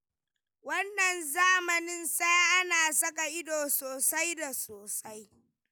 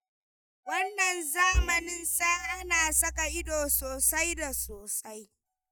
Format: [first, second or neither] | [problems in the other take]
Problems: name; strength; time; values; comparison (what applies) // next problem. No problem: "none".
first | noise reduction (neural mask model DeepFilterNet 3)